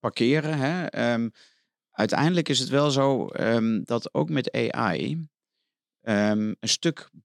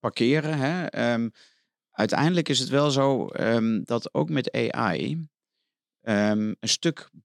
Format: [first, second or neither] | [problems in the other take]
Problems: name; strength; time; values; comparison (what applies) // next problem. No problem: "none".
neither | none